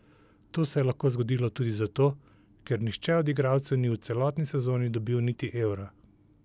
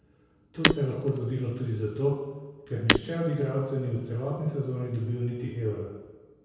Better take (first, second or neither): first